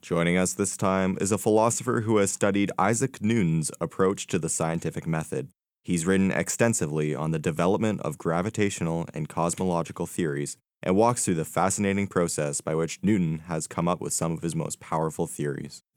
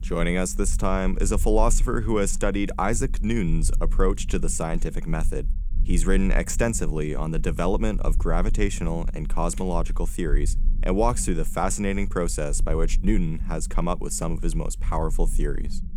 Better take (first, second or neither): first